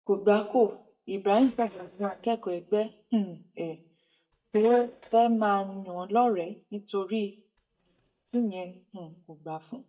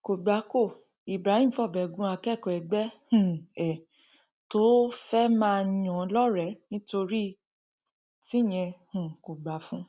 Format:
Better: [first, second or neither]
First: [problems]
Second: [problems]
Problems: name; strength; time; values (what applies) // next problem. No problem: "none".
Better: second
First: noise reduction (neural mask model DeepFilterNet 3)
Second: none